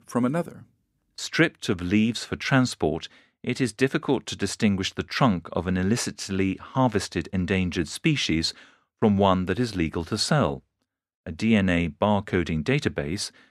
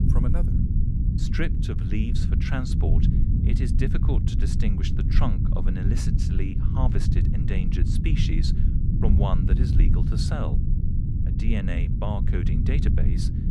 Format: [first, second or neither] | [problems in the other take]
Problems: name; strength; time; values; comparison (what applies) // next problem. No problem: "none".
first | low rumble; loud; throughout; 1 dB below the speech